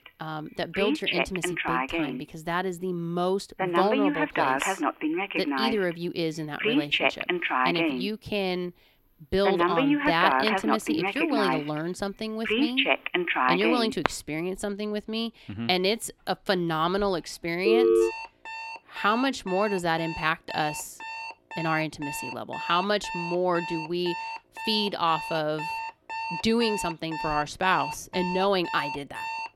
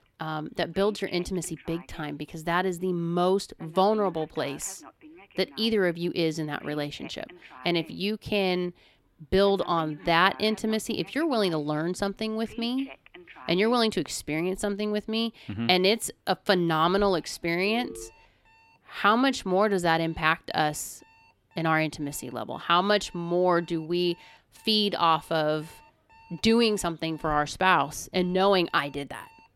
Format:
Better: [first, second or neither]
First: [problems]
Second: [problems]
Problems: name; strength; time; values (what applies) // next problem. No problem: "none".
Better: second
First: alarms or sirens; loud; throughout; as loud as the speech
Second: alarms or sirens; faint; throughout; 25 dB below the speech